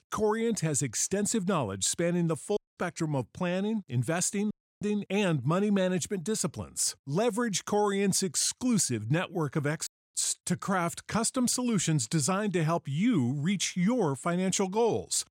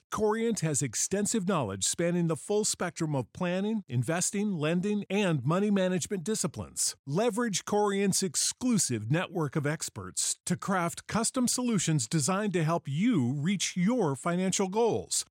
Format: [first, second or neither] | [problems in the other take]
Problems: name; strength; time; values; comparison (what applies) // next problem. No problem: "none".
second | audio cutting out; at 2.5 s, at 4.5 s and at 10 s